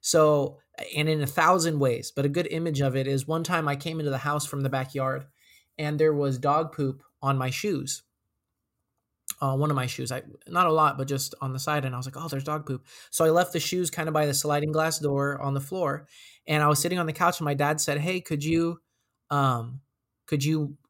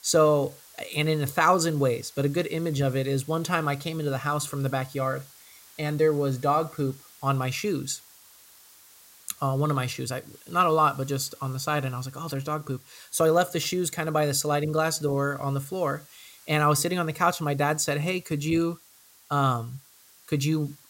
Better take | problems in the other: first | hiss; faint; throughout; 25 dB below the speech

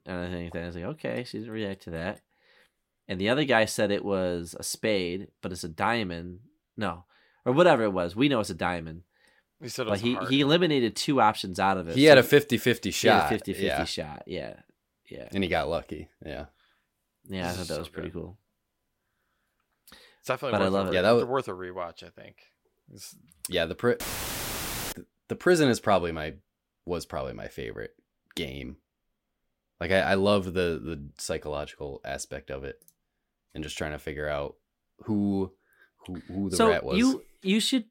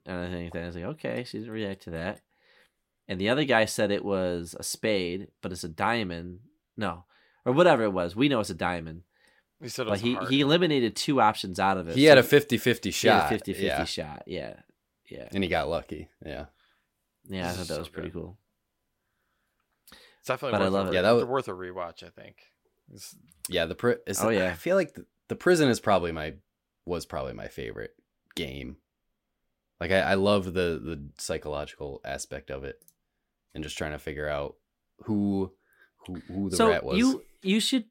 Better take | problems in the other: second | audio cutting out; filled with static; at 24 s for 1 s

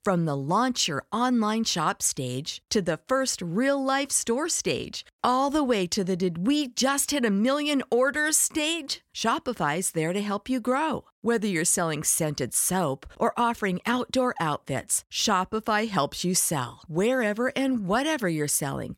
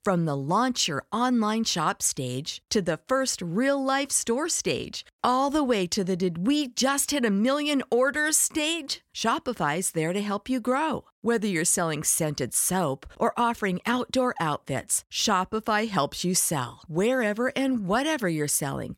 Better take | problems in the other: neither | none

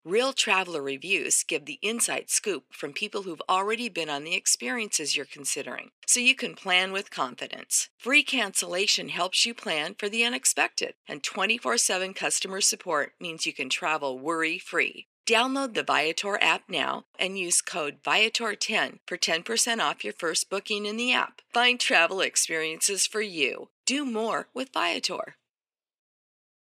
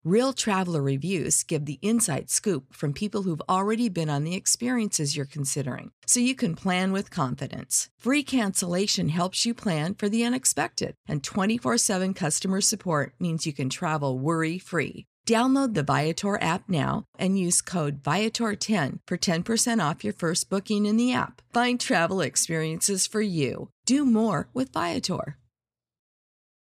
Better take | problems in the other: second | thin; somewhat; fading below 350 Hz

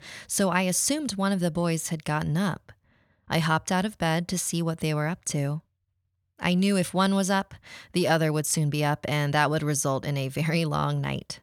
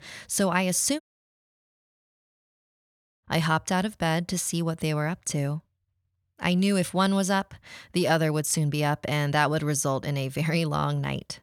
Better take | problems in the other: first | audio cutting out; at 1 s for 2 s

